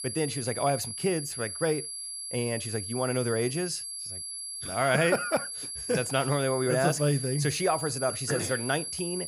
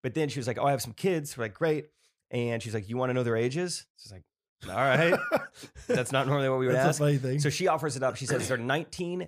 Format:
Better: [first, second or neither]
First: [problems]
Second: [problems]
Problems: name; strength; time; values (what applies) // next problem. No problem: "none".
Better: second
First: high-pitched whine; loud; throughout; 11 kHz, 5 dB below the speech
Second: none